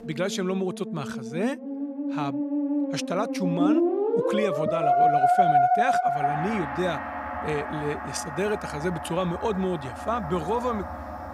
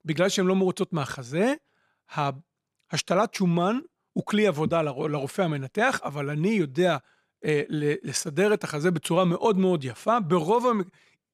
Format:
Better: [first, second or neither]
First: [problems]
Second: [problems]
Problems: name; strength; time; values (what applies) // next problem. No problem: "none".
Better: second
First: background music; very loud; throughout; 3 dB above the speech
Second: none